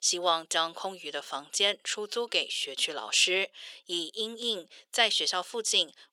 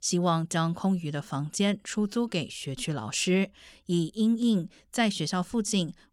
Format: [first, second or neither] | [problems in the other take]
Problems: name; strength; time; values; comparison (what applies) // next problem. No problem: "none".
second | thin; very; fading below 450 Hz